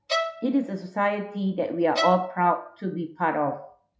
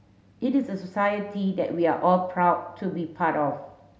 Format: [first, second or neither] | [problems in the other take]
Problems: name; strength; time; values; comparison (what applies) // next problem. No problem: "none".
second | noise reduction (classical method log-MMSE)